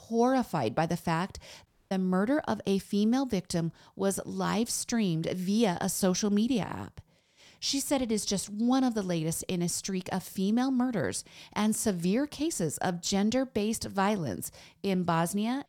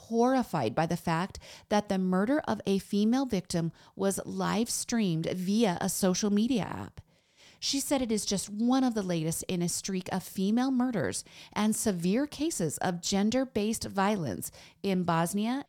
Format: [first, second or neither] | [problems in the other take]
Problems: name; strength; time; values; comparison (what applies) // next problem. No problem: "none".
second | audio cutting out; at 1.5 s